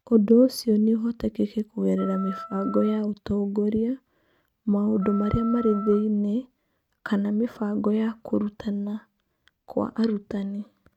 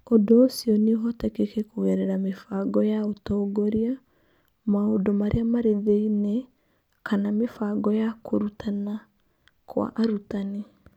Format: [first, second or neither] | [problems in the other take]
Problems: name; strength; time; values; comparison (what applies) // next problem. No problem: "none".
second | noise reduction (neural mask model RNNoise)